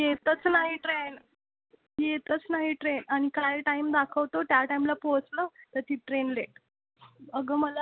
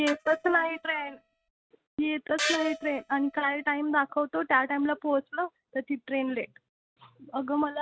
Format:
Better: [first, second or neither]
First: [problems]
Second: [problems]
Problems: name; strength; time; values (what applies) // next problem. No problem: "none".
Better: first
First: none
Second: noise reduction (neural mask model RNNoise)